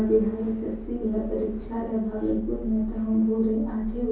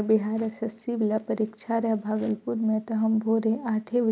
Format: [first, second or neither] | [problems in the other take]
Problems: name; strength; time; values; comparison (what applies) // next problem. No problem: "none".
second | background sound (Subway, metro, underground); 12 dB below the speech // room echo; dies away in 0.6 s